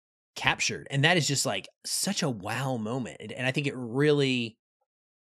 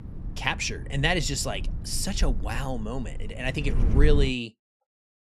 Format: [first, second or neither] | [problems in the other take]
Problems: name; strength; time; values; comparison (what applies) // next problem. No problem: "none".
first | wind noise on the microphone; occasional gusts; until 4.5 s; 15 dB below the speech